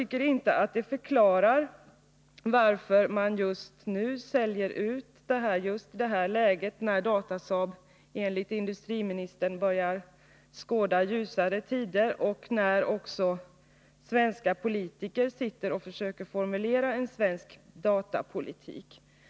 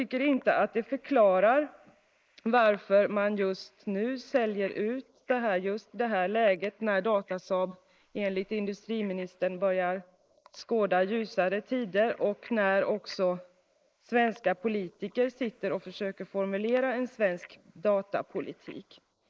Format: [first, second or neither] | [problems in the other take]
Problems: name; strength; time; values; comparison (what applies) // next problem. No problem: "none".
first | noise reduction (neural mask model Resemble Enhance denoiser)